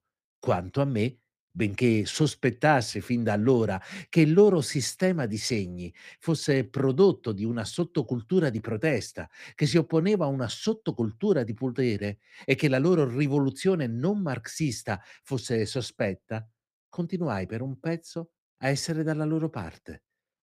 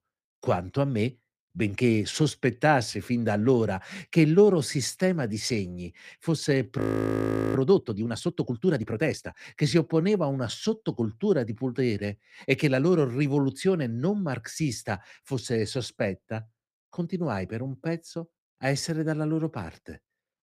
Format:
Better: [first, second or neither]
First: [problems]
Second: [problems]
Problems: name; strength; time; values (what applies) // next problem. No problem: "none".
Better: first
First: none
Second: audio freezing; at 7 s for 0.5 s